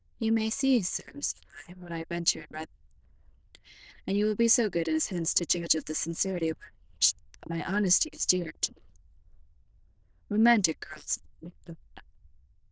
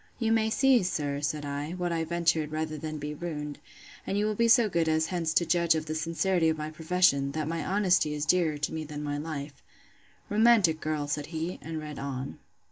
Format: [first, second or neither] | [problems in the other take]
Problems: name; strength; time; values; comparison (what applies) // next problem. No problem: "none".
second | noise reduction (neural diffusion model UNIVERSE++)